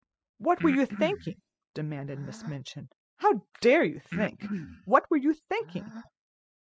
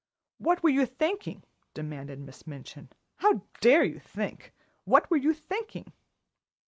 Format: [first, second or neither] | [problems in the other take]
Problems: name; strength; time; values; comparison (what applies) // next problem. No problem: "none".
second | noise reduction (classical method spectral subtraction)